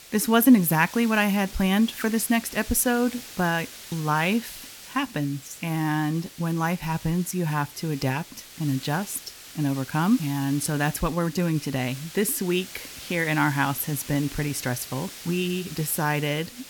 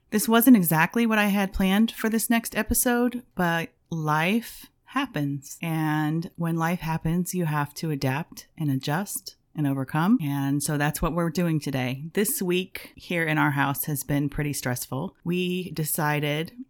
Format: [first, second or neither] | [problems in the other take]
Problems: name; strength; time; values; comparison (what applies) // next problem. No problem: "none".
second | hiss; noticeable; throughout; 15 dB below the speech